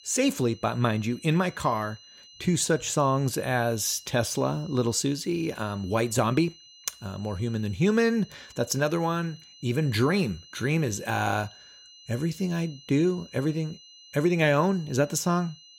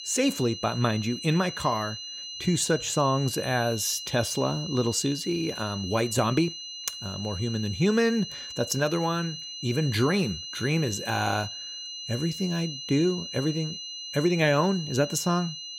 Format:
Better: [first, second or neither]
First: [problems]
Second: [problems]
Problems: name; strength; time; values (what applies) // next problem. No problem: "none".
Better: first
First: high-pitched whine; faint; throughout; 4 kHz, 20 dB below the speech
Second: high-pitched whine; loud; throughout; 4 kHz, 8 dB below the speech